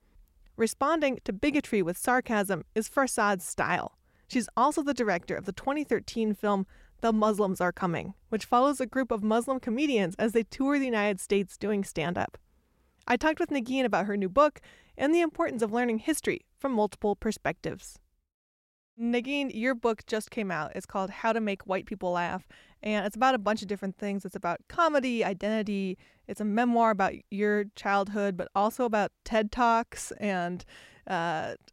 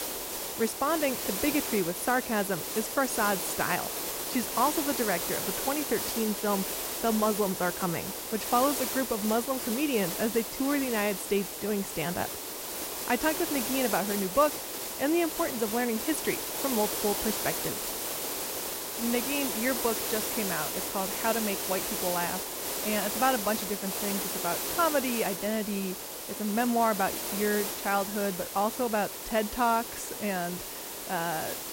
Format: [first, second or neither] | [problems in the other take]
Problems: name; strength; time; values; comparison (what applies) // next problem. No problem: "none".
first | hiss; loud; throughout; 2 dB below the speech